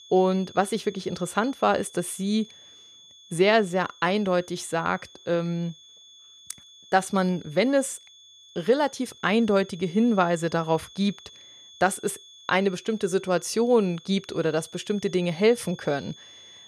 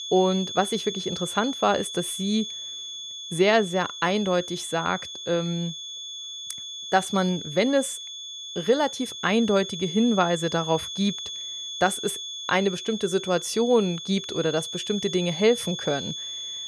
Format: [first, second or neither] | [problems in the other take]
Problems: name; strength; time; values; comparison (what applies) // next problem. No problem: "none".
first | high-pitched whine; loud; throughout; 3.5 kHz, 8 dB below the speech; faint in the first